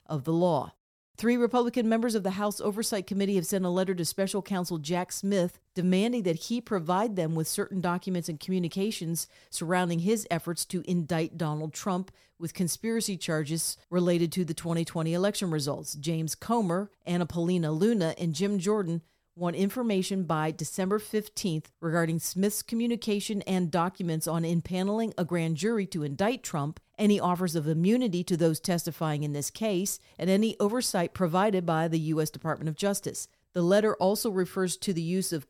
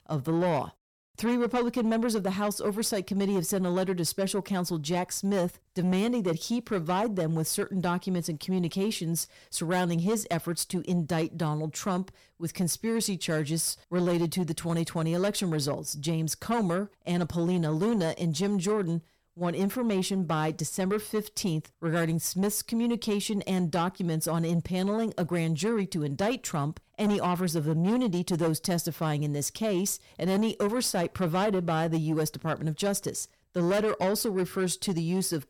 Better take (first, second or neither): first